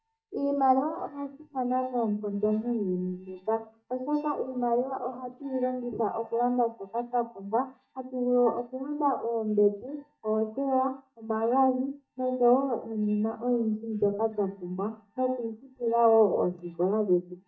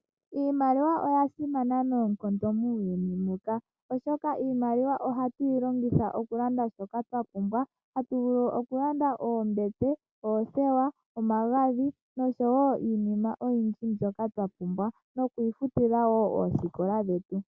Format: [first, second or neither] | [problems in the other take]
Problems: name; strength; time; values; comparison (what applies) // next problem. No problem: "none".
second | noise reduction (neural mask model DeepFilterNet 3)